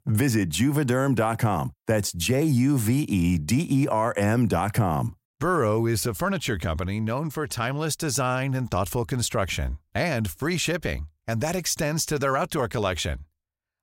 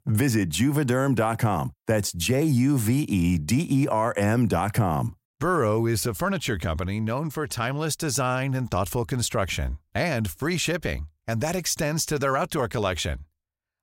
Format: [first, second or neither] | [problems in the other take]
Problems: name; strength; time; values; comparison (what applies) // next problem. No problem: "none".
neither | none